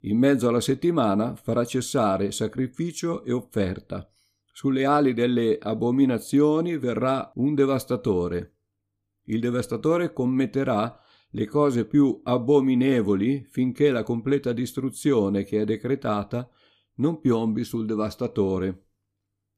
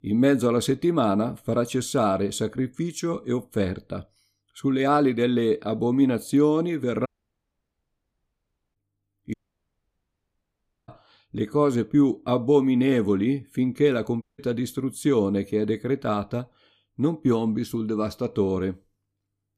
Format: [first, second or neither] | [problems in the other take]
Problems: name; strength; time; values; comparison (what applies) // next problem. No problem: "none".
first | audio cutting out; at 7 s for 1.5 s, at 9.5 s for 1.5 s and at 14 s